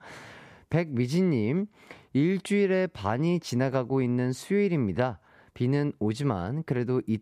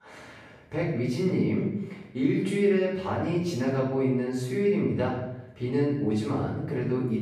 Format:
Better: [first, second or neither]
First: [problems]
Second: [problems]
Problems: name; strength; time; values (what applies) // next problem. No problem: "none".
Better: first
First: none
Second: off-mic speech; far // room echo; noticeable; dies away in 0.7 s